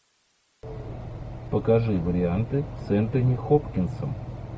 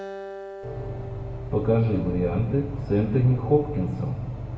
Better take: first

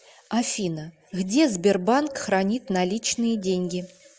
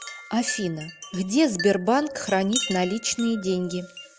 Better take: first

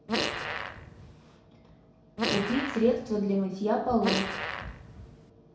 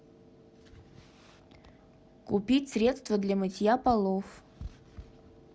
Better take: second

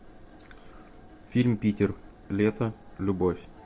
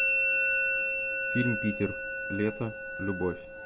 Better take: first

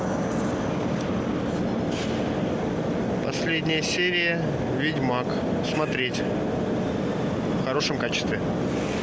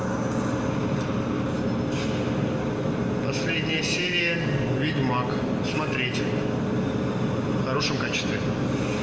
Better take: first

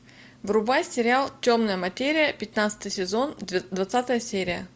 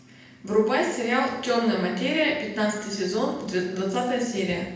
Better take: first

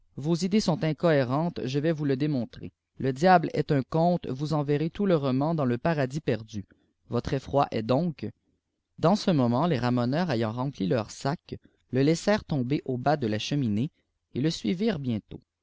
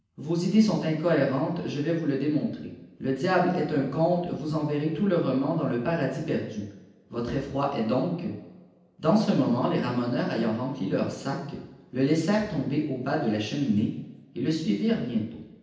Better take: first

